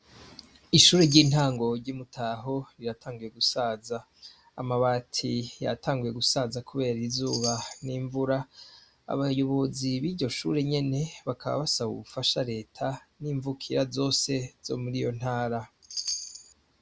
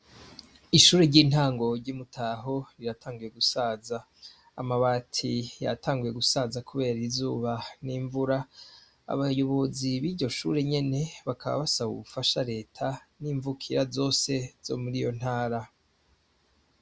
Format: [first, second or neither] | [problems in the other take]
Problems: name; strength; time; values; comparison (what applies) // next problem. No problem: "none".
second | background sound (Chime); 10 dB below the speech